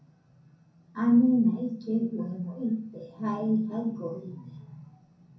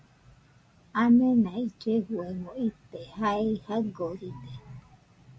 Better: second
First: room echo; dies away in 0.5 s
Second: none

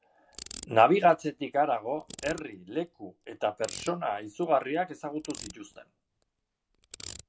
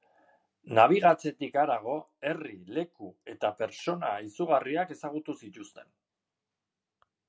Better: second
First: background sound (Ratchet, pawl); 18 dB below the speech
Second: none

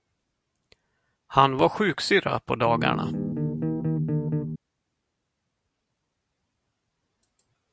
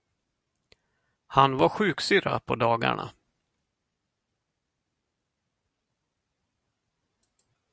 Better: second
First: background sound (Bass guitar); 2 dB above the speech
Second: none

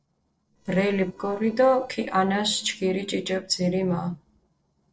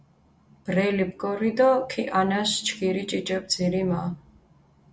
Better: second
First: noise reduction (neural separator model SepFormer DNS4)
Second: none

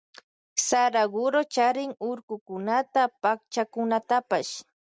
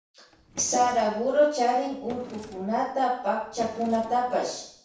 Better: first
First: none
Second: background sound (Drawer open or close); 20 dB below the speech // room echo; dies away in 0.6 s

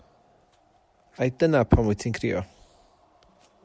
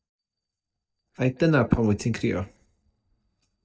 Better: first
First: none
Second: noise reduction (neural mask model DeepFilterNet 3)

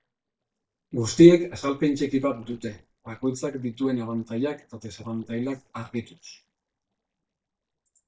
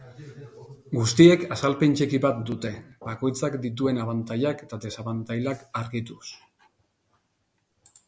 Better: second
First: noise reduction (neural mask model DeepFilterNet 3)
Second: none

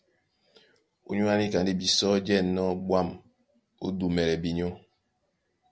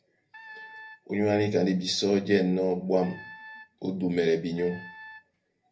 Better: first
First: none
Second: background sound (Wind instrument, woodwind instrument); 20 dB below the speech // room echo; dies away in 0.3 s

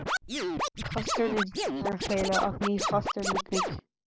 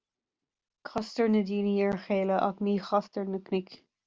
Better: second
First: noise reduction (neural mask model Resemble Enhance denoiser)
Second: none

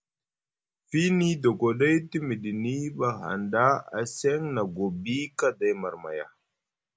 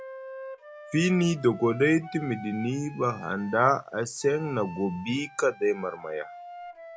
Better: first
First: none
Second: background sound (Wind instrument, woodwind instrument); 16 dB below the speech

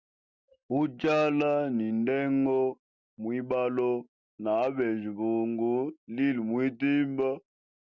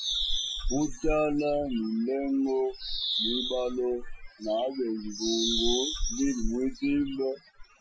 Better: first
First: none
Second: noise reduction (classical method Wiener filter)

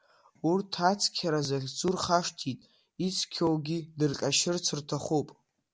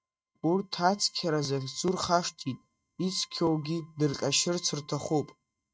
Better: first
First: none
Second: noise reduction (neural mask model RNNoise)

